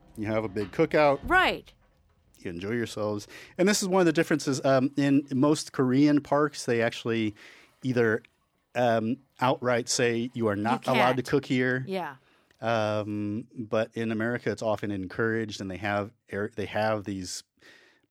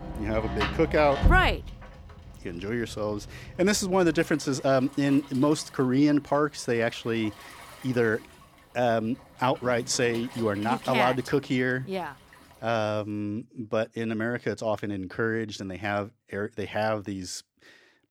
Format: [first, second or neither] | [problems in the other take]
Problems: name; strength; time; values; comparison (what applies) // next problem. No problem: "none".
first | rain or running water; loud; until 13 s; 9 dB below the speech; faint in the first